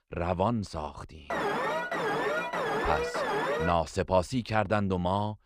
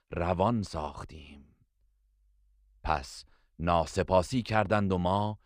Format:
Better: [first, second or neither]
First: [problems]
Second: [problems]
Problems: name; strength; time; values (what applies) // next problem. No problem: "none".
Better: second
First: alarm; loud; from 1.5 to 3.5 s; peak 1 dB above the speech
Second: none